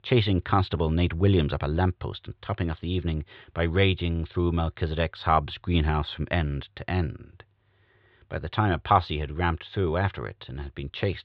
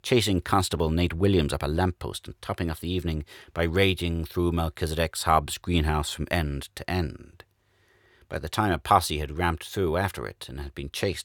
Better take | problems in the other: second | muffled; slightly; fading above 3.5 kHz

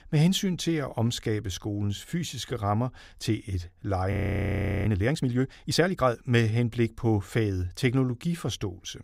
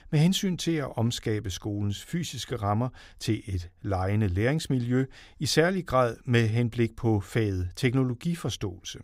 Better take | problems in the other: second | audio freezing; at 4 s for 0.5 s

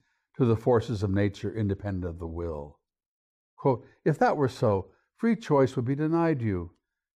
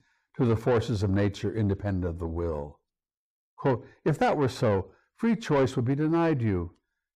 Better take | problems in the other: first | distortion; slight; 10 dB below the speech

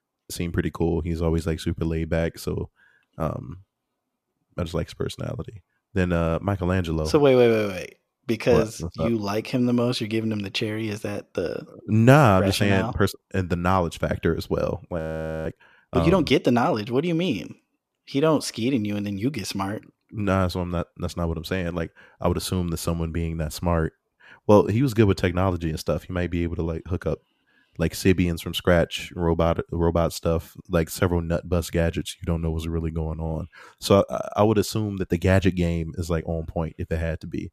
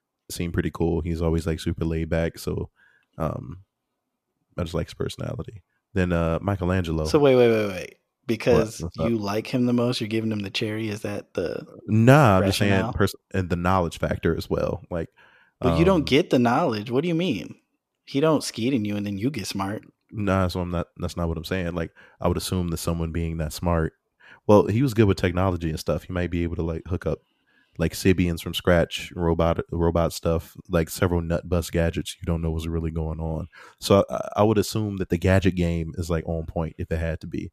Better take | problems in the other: second | audio freezing; at 15 s

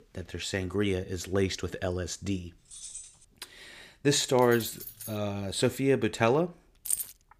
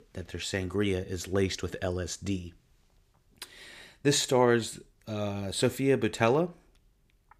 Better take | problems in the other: second | jangling keys; faint; at 2.5 s and at 4.5 s; peak 10 dB below the speech // jangling keys; noticeable; at 7 s; peak 2 dB below the speech

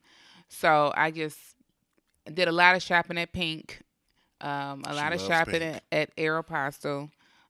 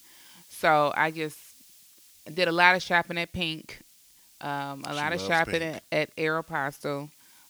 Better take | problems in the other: first | hiss; faint; throughout; 25 dB below the speech

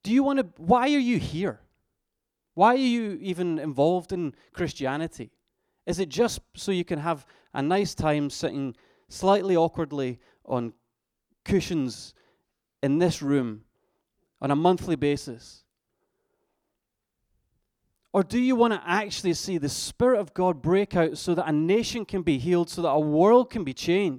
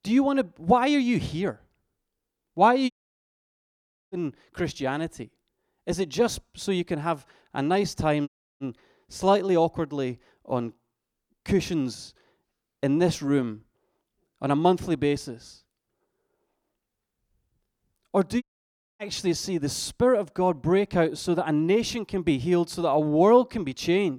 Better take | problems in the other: first | audio cutting out; at 3 s for 1 s, at 8.5 s and at 18 s for 0.5 s

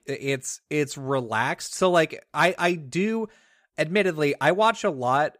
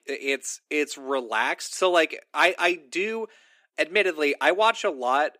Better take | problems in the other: first | thin; somewhat; fading below 250 Hz

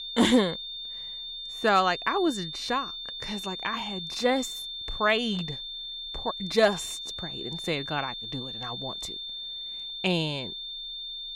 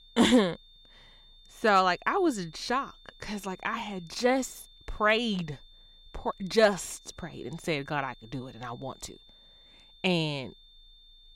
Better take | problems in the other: second | high-pitched whine; loud; throughout; 3.5 kHz, 7 dB below the speech; faint in the second

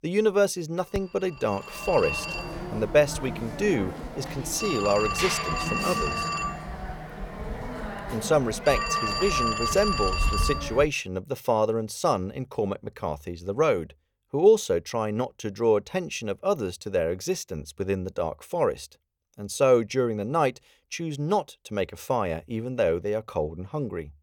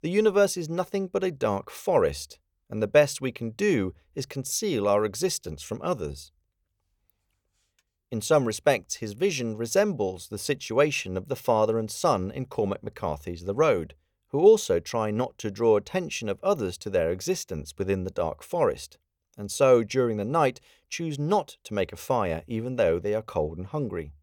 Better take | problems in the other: second | phone ringing; loud; from 1 to 11 s; peak 1 dB above the speech

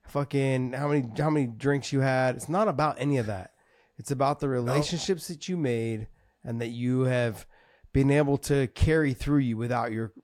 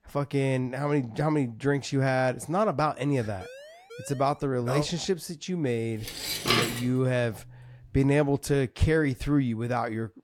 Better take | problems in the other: first | siren; faint; at 3.5 s; peak 15 dB below the speech // clattering dishes; loud; at 6 s; peak 3 dB above the speech

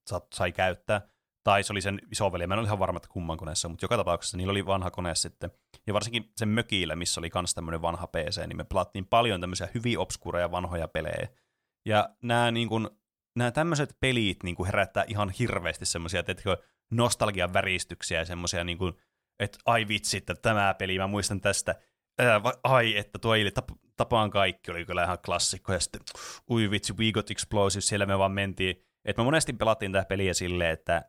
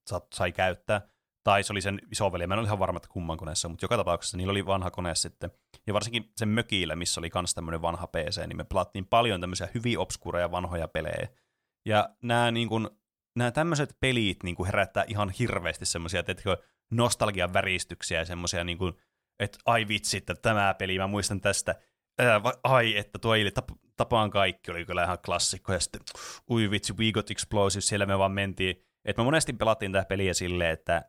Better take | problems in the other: neither | none

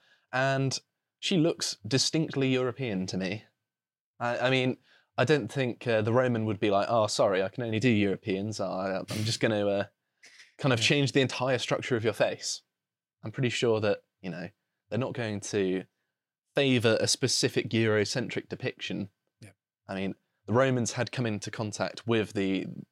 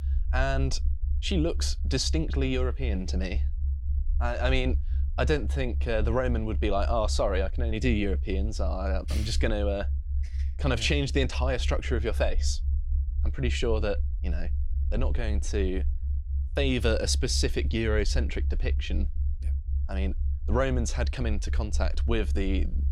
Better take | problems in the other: first | low rumble; noticeable; throughout; 20 dB below the speech

